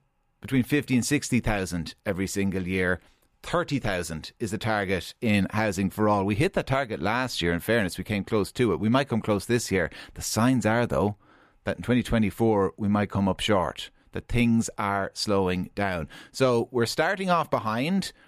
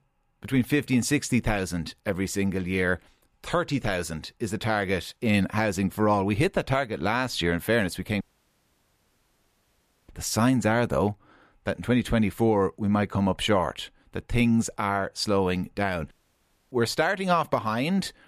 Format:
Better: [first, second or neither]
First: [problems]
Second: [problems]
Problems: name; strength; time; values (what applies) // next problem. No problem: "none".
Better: first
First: none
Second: audio cutting out; at 8 s for 2 s and at 16 s for 0.5 s